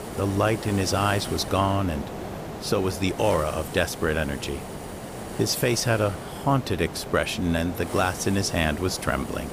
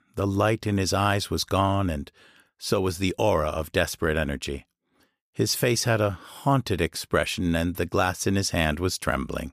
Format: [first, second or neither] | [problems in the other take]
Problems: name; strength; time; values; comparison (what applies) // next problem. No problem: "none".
second | hiss; loud; throughout; 10 dB below the speech